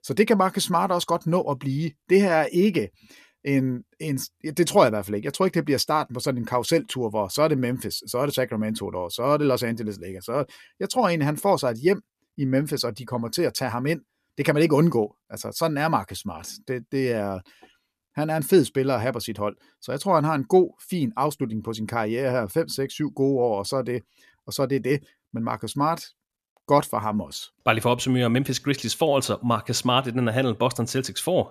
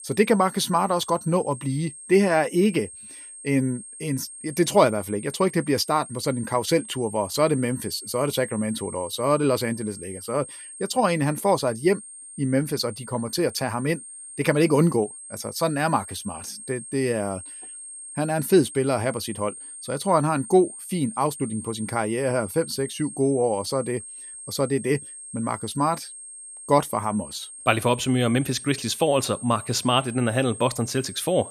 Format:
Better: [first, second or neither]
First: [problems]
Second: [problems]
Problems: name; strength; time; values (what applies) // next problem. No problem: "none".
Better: first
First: none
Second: high-pitched whine; noticeable; throughout; 8.5 kHz, 15 dB below the speech